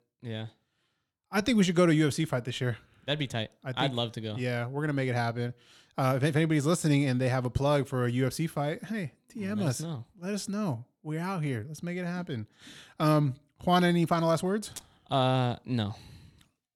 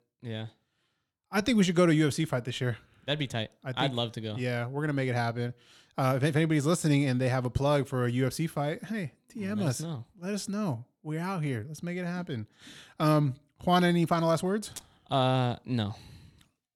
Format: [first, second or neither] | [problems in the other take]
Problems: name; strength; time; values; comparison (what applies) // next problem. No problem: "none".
neither | none